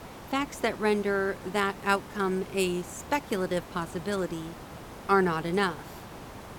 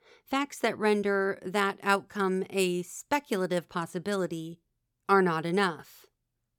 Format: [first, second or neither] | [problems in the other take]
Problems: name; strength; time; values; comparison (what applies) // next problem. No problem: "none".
second | hiss; noticeable; throughout; 15 dB below the speech